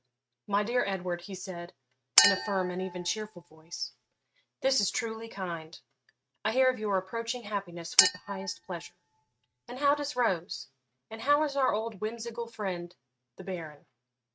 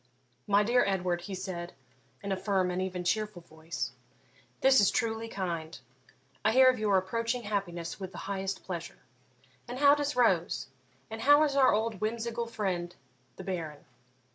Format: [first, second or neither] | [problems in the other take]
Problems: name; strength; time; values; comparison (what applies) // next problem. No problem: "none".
second | noise reduction (neural mask model RNNoise)